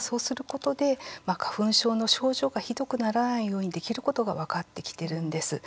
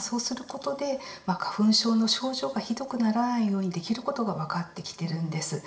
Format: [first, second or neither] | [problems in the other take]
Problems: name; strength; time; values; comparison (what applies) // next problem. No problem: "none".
first | room echo; dies away in 1.5 s